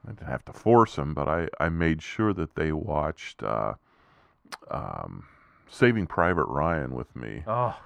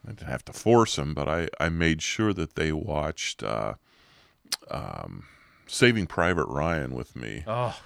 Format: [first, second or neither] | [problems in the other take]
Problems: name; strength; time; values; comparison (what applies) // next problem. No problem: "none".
second | muffled; very; fading above 2.5 kHz